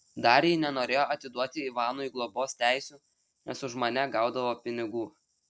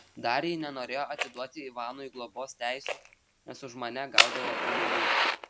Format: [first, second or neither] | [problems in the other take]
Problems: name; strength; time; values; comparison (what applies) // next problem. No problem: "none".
first | background sound (Fire); 4 dB above the speech